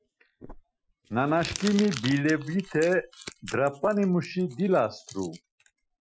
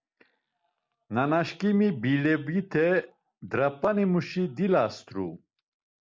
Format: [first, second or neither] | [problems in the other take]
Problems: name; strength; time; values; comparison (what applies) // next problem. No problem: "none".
second | noise reduction (classical method Wiener filter)